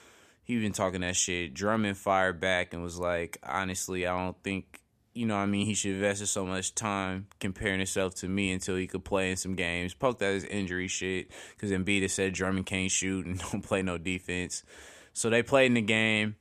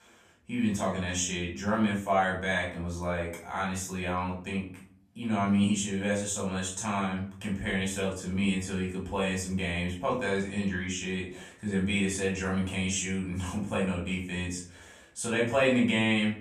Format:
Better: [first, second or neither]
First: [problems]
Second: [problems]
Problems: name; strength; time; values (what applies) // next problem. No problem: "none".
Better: first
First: none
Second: off-mic speech; far // room echo; slight; dies away in 0.4 s